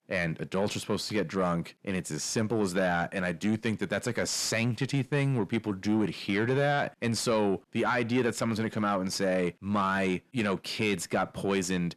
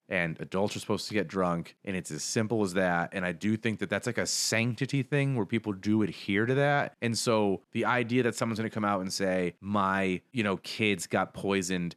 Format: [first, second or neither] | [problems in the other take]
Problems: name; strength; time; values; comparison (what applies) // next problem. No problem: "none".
second | distortion; slight; 10 dB below the speech